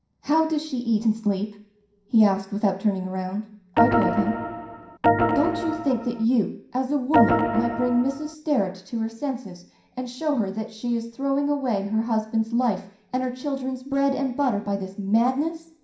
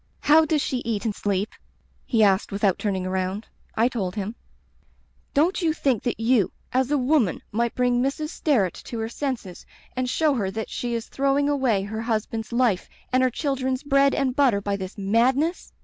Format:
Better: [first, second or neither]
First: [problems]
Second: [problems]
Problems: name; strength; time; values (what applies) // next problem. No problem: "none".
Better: second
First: background sound (Organ); 1 dB above the speech // room echo; dies away in 0.5 s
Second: none